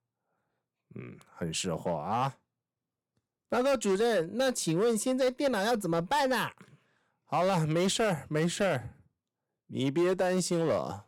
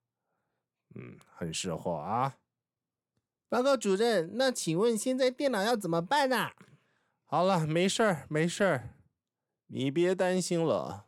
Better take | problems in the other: second | distortion; slight; 6% of the sound clipped

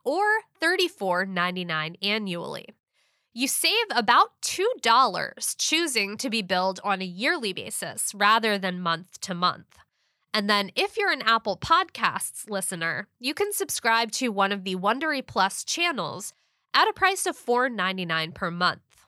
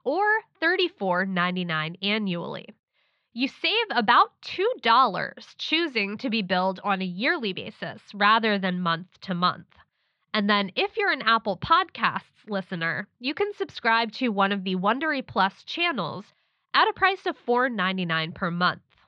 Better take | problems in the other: first | muffled; very slightly; fading above 4 kHz

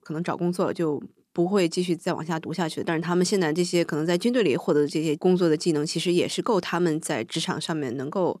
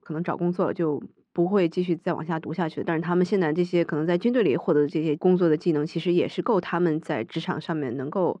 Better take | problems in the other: first | muffled; slightly; fading above 2 kHz

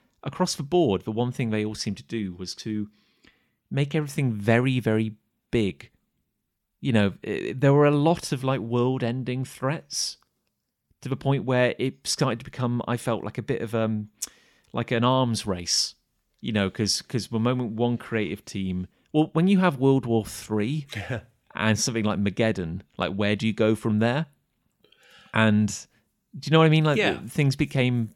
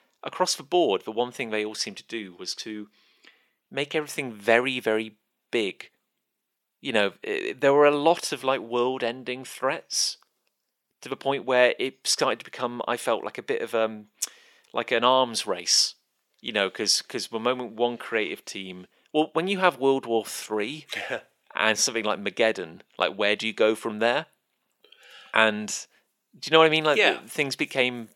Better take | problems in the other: first | thin; somewhat; fading below 500 Hz

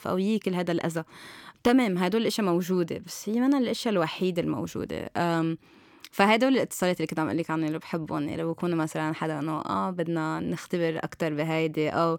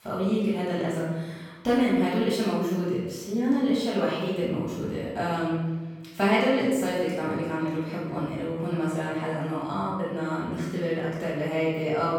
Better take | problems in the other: first | off-mic speech; far // room echo; strong; dies away in 1.2 s

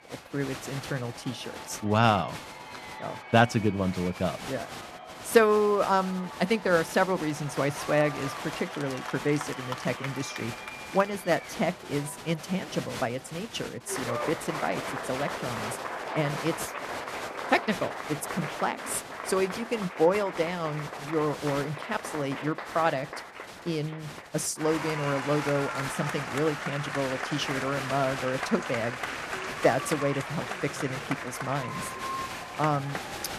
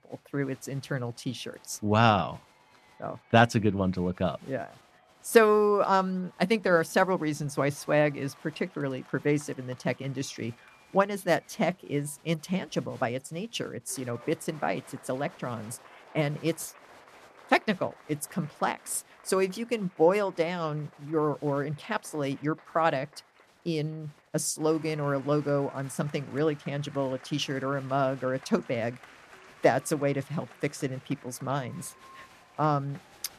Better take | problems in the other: second | crowd noise; loud; throughout; 7 dB below the speech; faint in the second

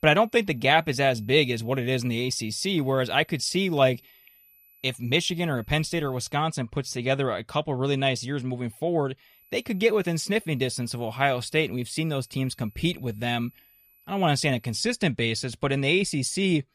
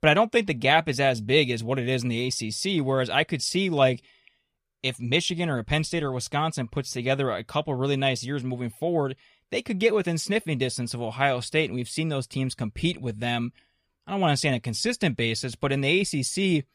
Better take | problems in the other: second | high-pitched whine; faint; until 6.5 s and from 9.5 to 15 s; 12 kHz, 30 dB below the speech

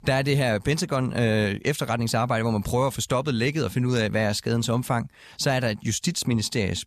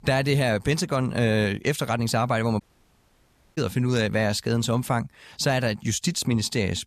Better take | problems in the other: first | audio cutting out; at 2.5 s for 1 s

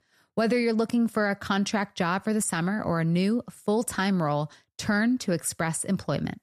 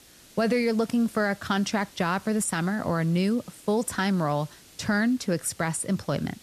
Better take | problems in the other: first | hiss; faint; throughout; 25 dB below the speech

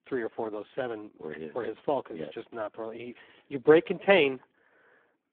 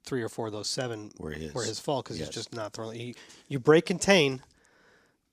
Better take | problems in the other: second | phone-call audio; poor line

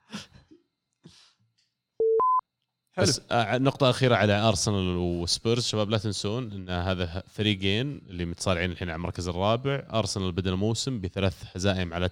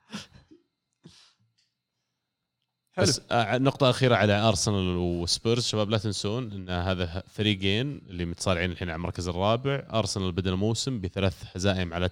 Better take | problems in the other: second | alarm; loud; at 2 s; peak 4 dB above the speech

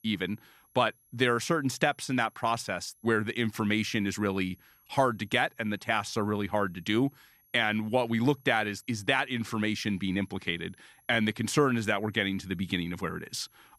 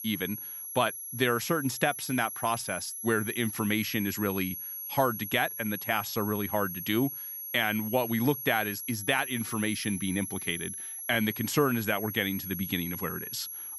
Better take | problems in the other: first | high-pitched whine; loud; throughout; 11.5 kHz, 6 dB below the speech; faint in the first

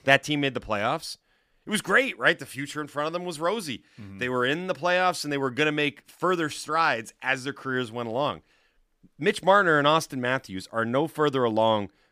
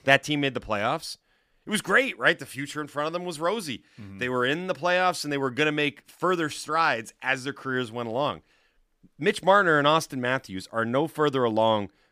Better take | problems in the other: neither | none

